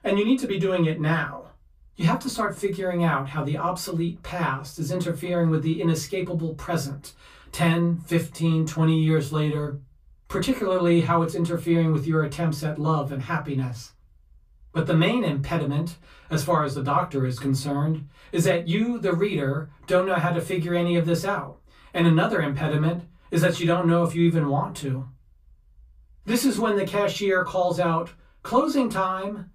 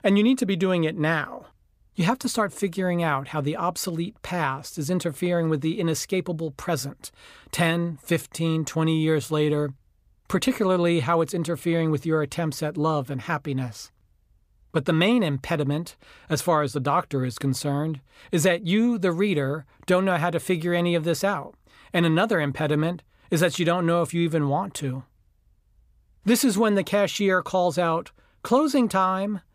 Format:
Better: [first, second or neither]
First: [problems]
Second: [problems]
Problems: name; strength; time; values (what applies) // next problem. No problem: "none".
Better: second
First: off-mic speech; far // room echo; very slight; dies away in 0.2 s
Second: none